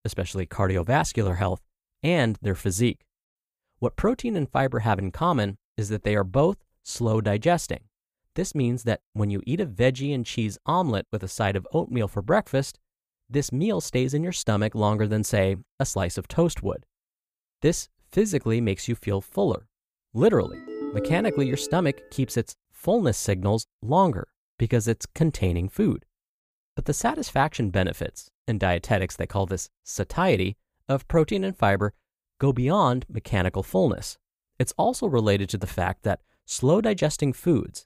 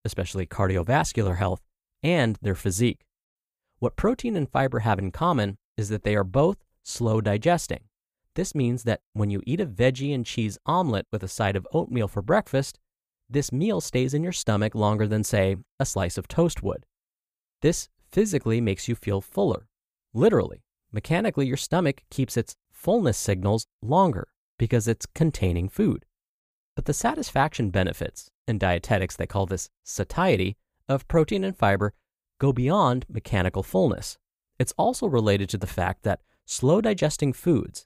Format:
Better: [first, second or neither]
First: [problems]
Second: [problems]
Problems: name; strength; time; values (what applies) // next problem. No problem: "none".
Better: second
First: phone ringing; noticeable; from 20 to 22 s; peak 5 dB below the speech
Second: none